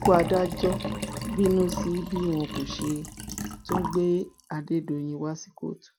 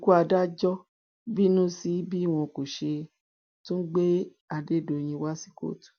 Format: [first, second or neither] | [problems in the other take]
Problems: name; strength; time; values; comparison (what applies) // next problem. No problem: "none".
second | background sound (Liquid); 7 dB below the speech